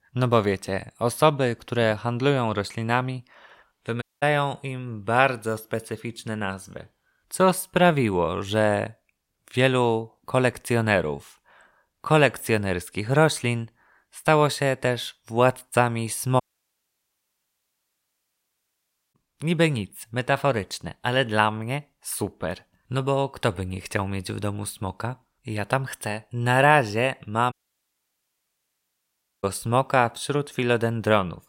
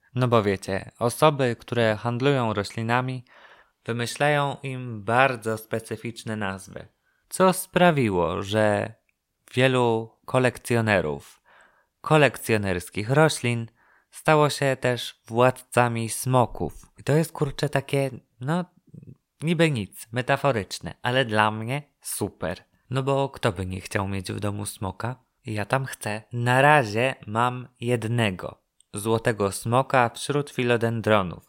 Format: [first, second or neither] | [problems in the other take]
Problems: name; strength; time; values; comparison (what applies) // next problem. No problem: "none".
second | audio cutting out; at 4 s, at 16 s for 2.5 s and at 28 s for 2 s